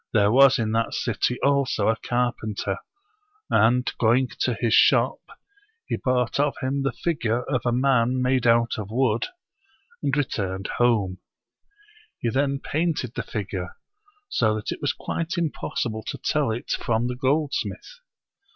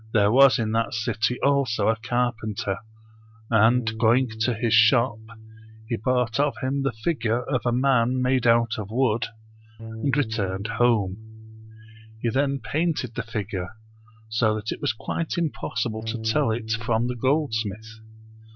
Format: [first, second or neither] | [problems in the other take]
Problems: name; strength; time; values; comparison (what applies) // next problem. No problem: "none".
first | background sound (Bass guitar); 15 dB below the speech